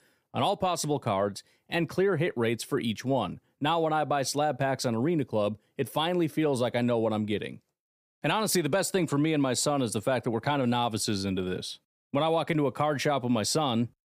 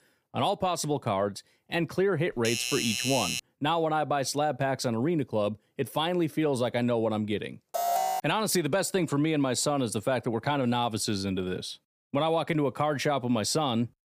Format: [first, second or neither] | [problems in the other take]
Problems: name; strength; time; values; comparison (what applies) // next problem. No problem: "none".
first | doorbell; noticeable; from 2.5 to 3.5 s; peak level with the speech // alarm; loud; at 7.5 s; peak 1 dB above the speech